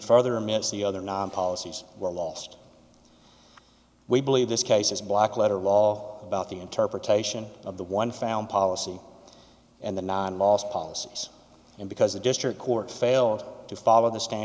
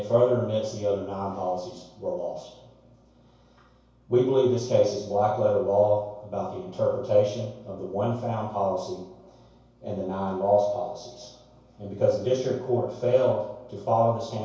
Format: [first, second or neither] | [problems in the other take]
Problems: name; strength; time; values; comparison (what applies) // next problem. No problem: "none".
first | room echo; dies away in 0.6 s